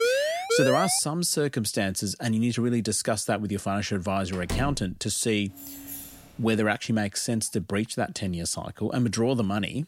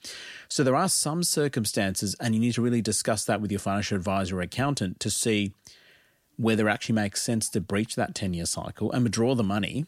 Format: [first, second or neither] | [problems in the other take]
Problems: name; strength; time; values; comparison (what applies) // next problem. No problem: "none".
second | siren; loud; at the start; peak 2 dB above the speech // door banging; noticeable; at 4.5 s; peak 6 dB below the speech // jangling keys; faint; from 5.5 to 6.5 s; peak 10 dB below the speech